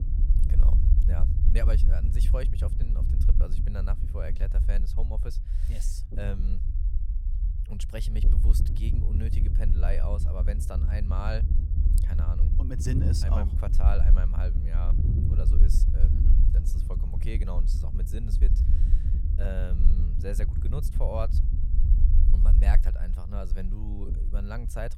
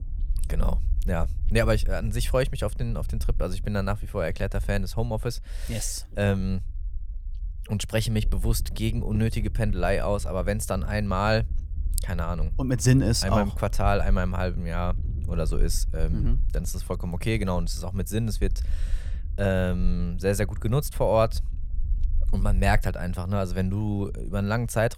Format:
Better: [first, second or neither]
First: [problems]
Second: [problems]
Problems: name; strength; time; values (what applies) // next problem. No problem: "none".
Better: second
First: low rumble; loud; throughout; 4 dB below the speech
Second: low rumble; faint; throughout; 25 dB below the speech